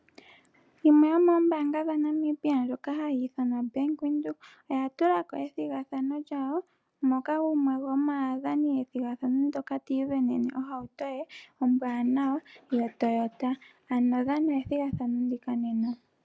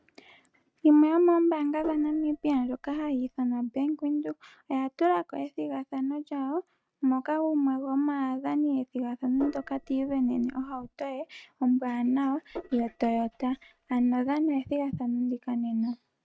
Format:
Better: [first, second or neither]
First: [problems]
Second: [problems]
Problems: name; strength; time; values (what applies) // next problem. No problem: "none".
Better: first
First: none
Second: noise reduction (neural mask model RNNoise)